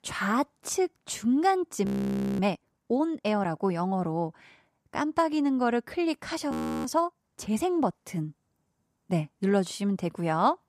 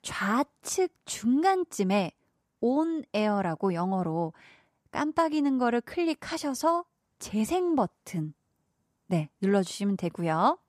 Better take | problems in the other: second | audio freezing; at 2 s for 0.5 s and at 6.5 s

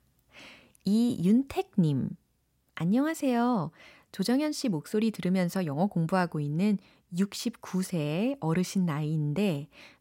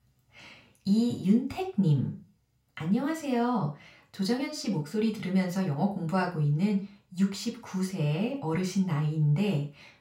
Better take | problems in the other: first | room echo; slight; dies away in 0.3 s // off-mic speech; far

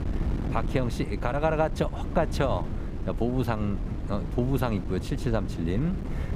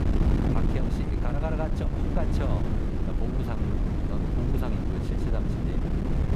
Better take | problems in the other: first | wind noise on the microphone; heavy; 2 dB above the speech; occasional gusts in the first

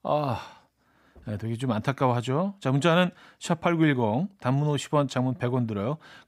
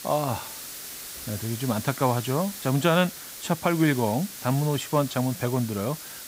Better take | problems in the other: first | hiss; noticeable; throughout; 10 dB below the speech

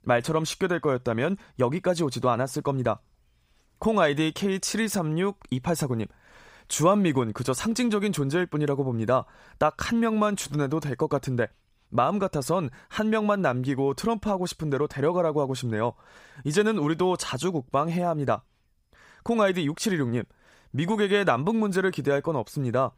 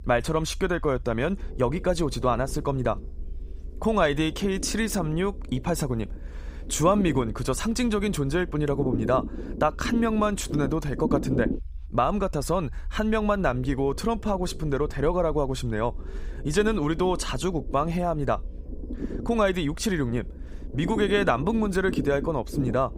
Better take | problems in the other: first | low rumble; noticeable; throughout; 15 dB below the speech

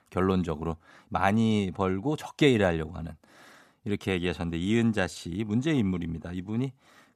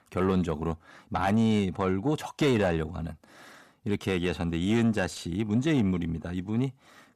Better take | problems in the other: first | distortion; slight; 10 dB below the speech

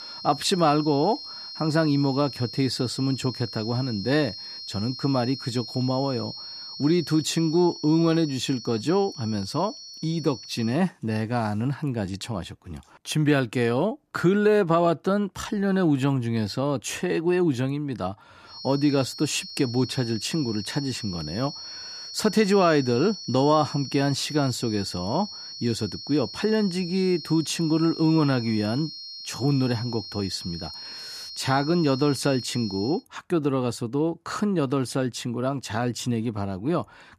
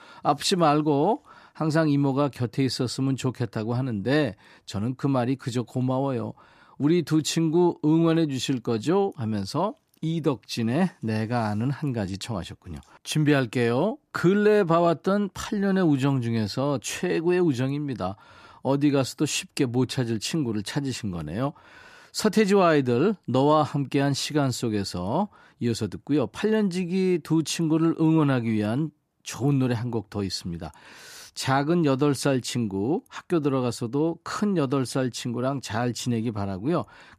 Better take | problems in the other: second | high-pitched whine; noticeable; until 11 s and from 19 to 33 s; 4.5 kHz, 10 dB below the speech

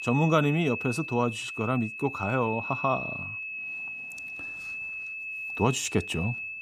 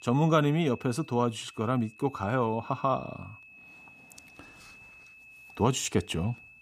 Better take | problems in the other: second | high-pitched whine; loud; throughout; 2.5 kHz, 6 dB below the speech; faint in the second

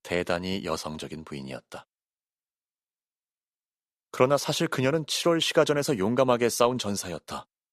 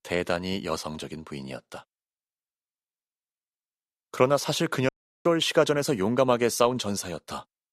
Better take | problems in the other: first | audio cutting out; at 5 s

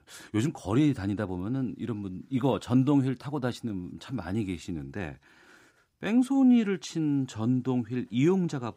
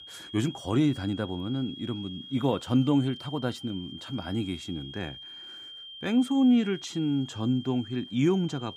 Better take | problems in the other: first | high-pitched whine; noticeable; throughout; 3.5 kHz, 15 dB below the speech

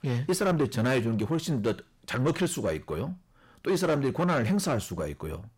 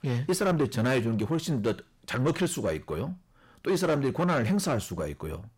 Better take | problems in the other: neither | distortion; slight; 10 dB below the speech; the same in both

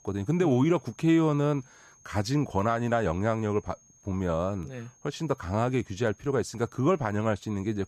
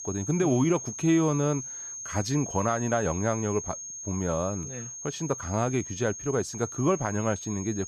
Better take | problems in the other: first | high-pitched whine; loud; throughout; 6.5 kHz, 8 dB below the speech; faint in the first

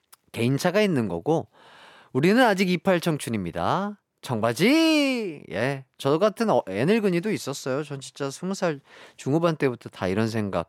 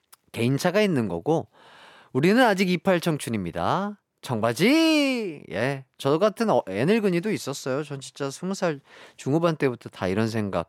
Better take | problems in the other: neither | none

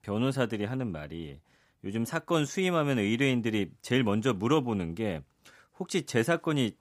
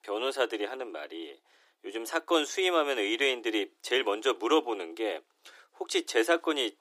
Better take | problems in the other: first | thin; very; fading below 300 Hz

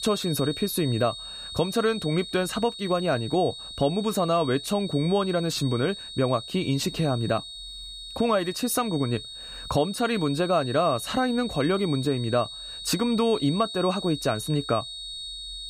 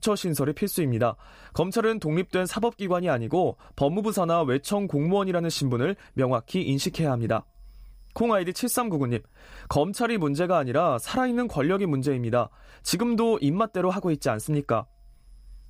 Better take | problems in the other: second | high-pitched whine; loud; throughout; 4 kHz, 10 dB below the speech

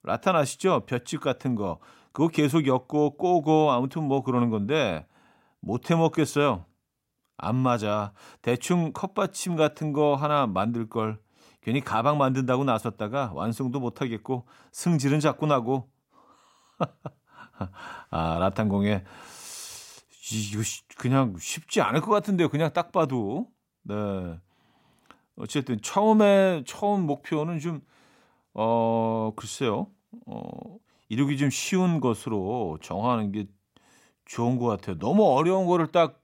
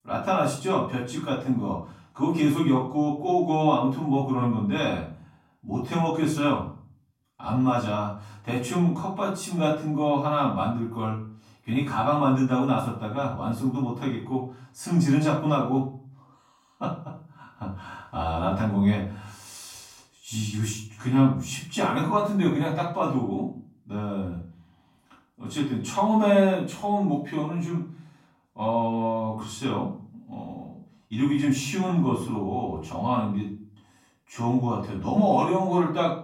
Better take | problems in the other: first | off-mic speech; far // room echo; noticeable; dies away in 0.4 s

